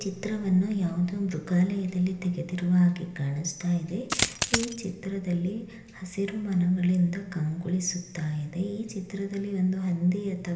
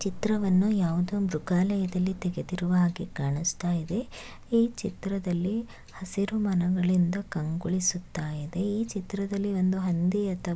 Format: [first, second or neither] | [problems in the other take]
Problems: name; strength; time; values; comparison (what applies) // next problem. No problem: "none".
second | background sound (Coin (dropping)); 1 dB below the speech // room echo; dies away in 1.4 s